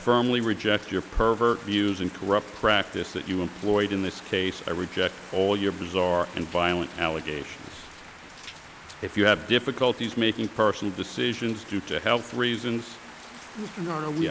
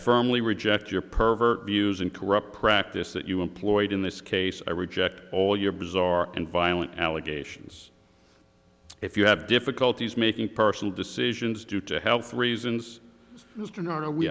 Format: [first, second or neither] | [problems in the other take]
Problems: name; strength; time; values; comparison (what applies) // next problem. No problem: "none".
second | background sound (Rain); 18 dB below the speech